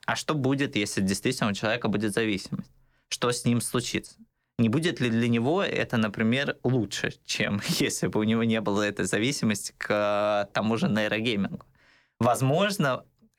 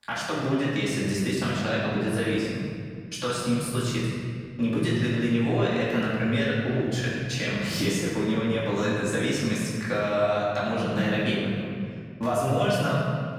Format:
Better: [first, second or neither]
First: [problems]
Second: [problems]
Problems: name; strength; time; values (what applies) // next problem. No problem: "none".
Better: first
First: none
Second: room echo; strong; dies away in 2.2 s // off-mic speech; far